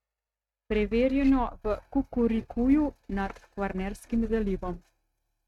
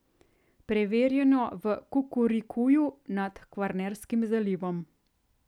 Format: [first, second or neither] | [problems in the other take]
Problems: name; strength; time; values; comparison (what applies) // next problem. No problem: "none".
second | noise reduction (neural mask model RNNoise)